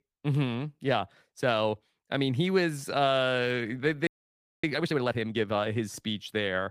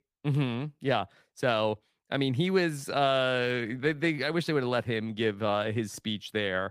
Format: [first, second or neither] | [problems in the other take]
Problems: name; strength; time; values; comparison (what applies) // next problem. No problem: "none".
second | audio freezing; at 4 s for 0.5 s